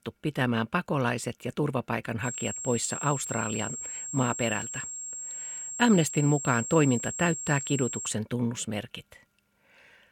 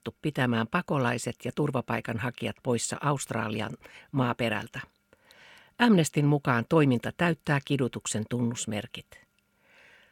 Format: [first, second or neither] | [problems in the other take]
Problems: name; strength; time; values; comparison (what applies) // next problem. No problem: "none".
second | high-pitched whine; loud; from 2 to 8 s; 7.5 kHz, 6 dB below the speech